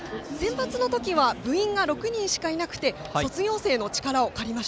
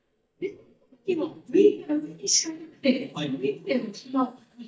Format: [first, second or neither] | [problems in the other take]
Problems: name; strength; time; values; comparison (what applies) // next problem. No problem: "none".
first | noise reduction (neural mask model DeepFilterNet 3)